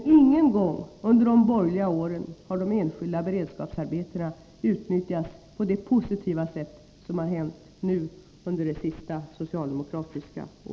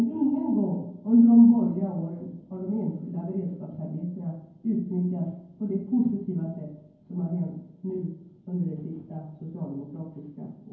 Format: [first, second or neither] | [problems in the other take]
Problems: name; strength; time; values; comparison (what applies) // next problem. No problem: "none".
first | room echo; dies away in 0.9 s